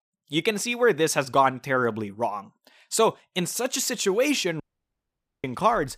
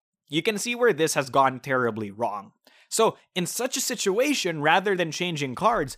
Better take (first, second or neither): second